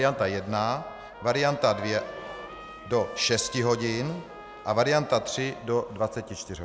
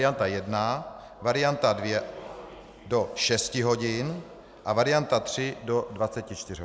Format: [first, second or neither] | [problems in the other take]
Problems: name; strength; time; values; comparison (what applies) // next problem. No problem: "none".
second | background sound (Trumpet); 18 dB below the speech